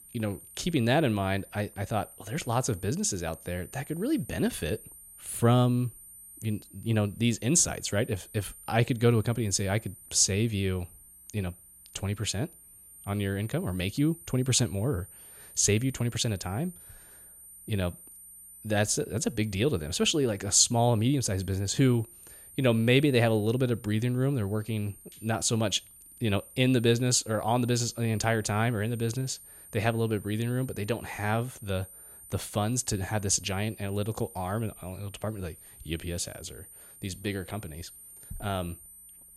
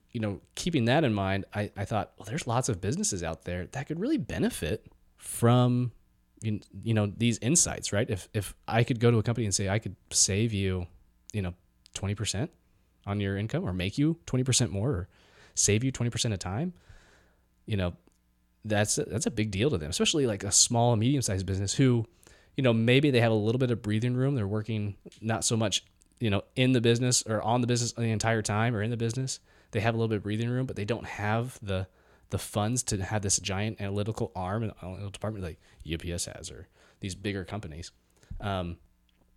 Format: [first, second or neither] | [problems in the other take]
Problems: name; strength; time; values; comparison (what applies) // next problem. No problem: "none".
second | high-pitched whine; noticeable; throughout; 9 kHz, 20 dB below the speech